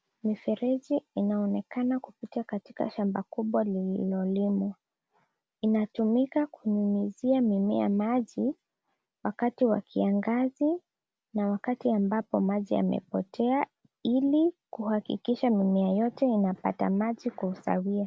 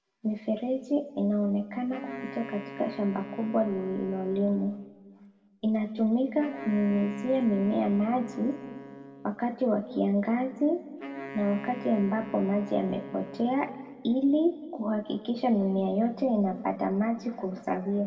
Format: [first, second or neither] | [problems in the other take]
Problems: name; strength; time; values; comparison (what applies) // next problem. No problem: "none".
first | background sound (Wind instrument, woodwind instrument); 15 dB below the speech // room echo; dies away in 1.4 s